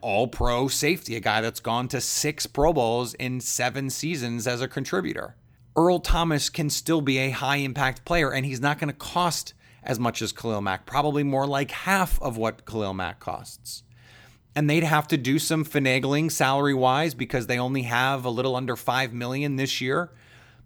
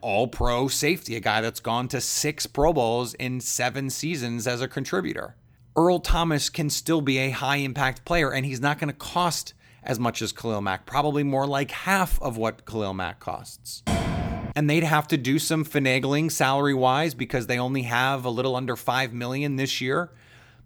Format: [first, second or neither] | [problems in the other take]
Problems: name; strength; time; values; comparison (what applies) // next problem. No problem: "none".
first | door banging; noticeable; at 14 s; peak 1 dB below the speech